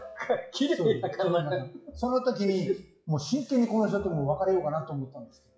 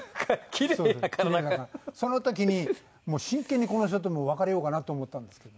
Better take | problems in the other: second | noise reduction (classical method WPE with log-MMSE)

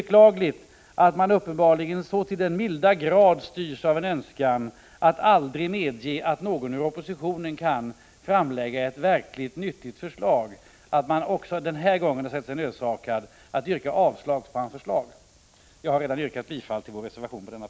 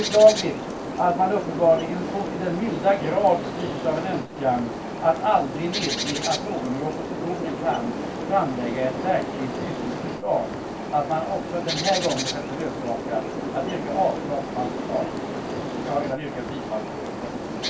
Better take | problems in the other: first | background sound (Bird); 5 dB below the speech // room echo; dies away in 0.2 s

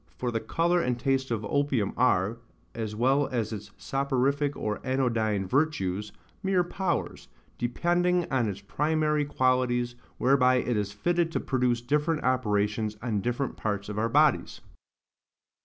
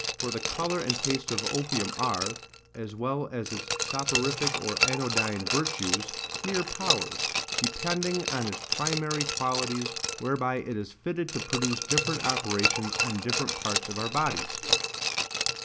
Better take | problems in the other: first | background sound (Glass); 1 dB above the speech

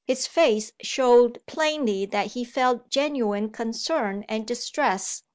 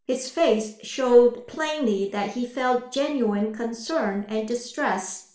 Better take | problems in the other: first | room echo; dies away in 0.5 s

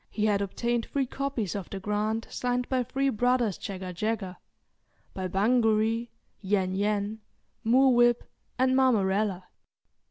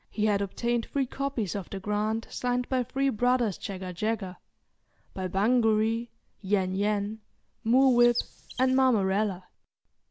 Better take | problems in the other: first | background sound (Chirp, tweet); 13 dB below the speech

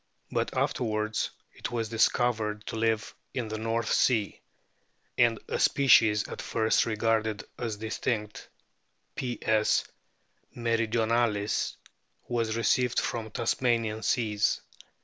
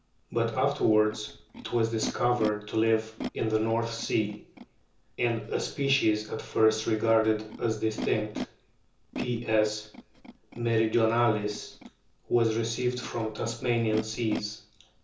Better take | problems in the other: first | background sound (Animal); 14 dB below the speech // room echo; dies away in 0.6 s

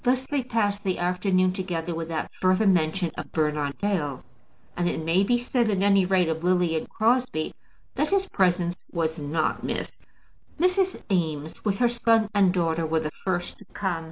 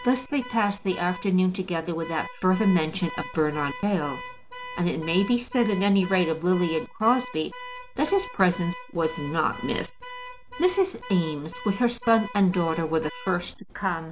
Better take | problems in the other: first | background sound (Alarm / Car); 15 dB below the speech

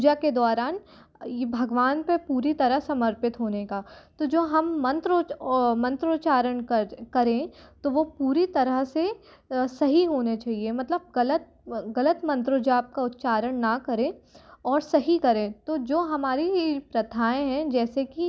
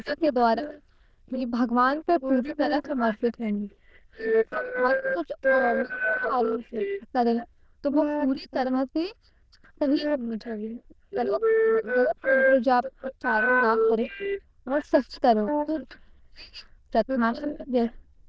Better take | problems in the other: first | noise reduction (neural diffusion model UNIVERSE++)

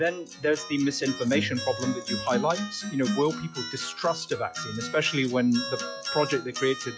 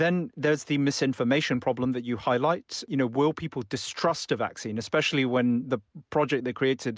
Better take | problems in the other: second | noise reduction (classical method log-MMSE)

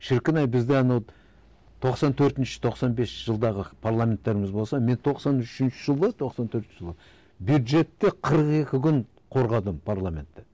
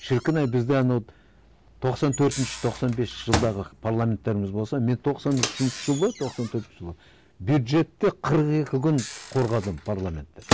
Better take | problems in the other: first | background sound (Microwave oven); 10 dB below the speech

